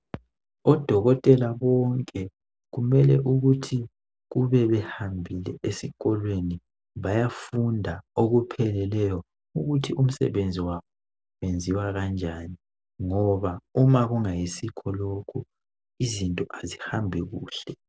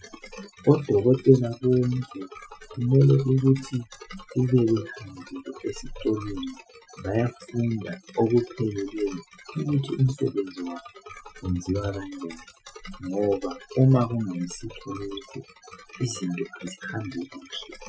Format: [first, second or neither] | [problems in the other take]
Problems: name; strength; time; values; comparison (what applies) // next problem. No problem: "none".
first | noise reduction (classical method Wiener filter)